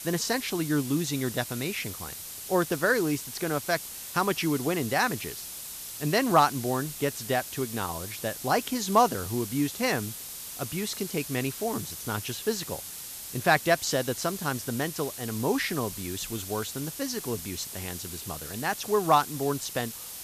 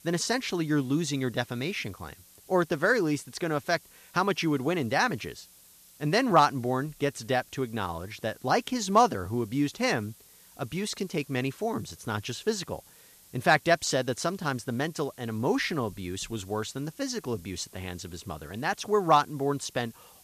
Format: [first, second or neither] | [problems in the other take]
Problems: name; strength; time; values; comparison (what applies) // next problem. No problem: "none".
second | hiss; loud; throughout; 8 dB below the speech; faint in the second